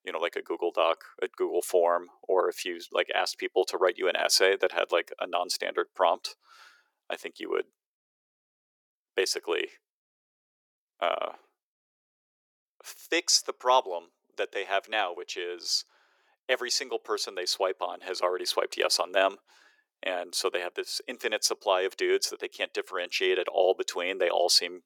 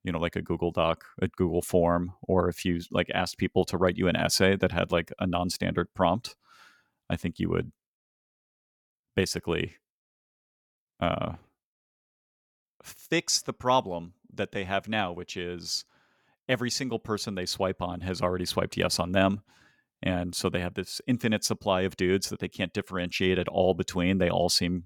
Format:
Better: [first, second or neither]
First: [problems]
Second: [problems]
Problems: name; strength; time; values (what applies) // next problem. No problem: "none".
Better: second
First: thin; very; fading below 350 Hz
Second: none